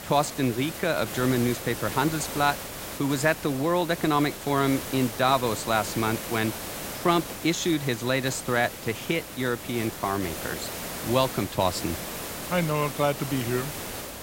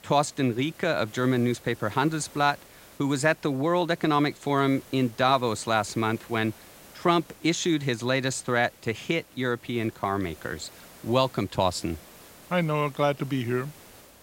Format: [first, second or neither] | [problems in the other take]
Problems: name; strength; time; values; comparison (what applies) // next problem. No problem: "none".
second | hiss; loud; throughout; 8 dB below the speech; faint in the second